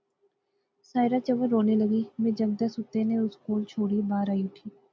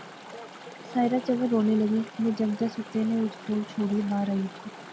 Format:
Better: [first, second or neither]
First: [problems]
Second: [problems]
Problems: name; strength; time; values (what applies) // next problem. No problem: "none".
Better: first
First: none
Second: background sound (Chatter / Stream); 16 dB below the speech